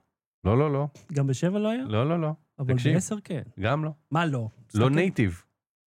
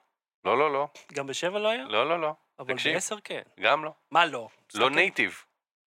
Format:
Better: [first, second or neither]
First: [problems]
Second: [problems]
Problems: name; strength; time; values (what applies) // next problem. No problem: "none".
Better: first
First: none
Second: thin; very; fading below 550 Hz